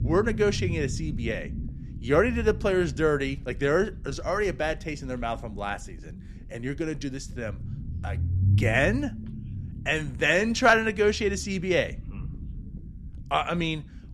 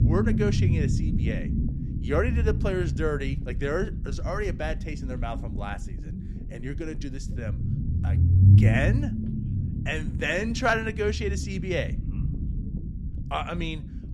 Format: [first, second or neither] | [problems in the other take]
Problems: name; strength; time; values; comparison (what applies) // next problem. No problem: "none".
first | low rumble; loud; throughout; 9 dB below the speech; faint in the first